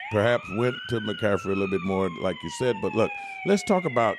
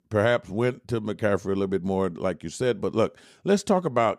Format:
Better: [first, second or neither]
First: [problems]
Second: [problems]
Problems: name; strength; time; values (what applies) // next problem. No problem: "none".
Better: second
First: siren; noticeable; peak 7 dB below the speech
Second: none